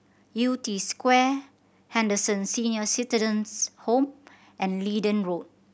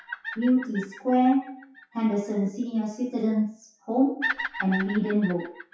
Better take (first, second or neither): first